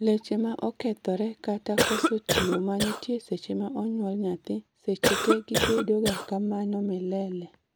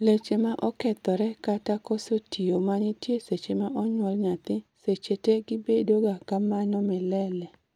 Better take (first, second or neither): second